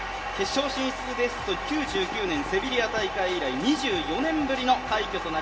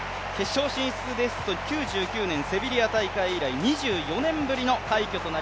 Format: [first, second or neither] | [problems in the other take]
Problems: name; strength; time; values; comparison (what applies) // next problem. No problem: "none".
second | background sound (Knock / Wood); 16 dB below the speech // room echo; dies away in 0.8 s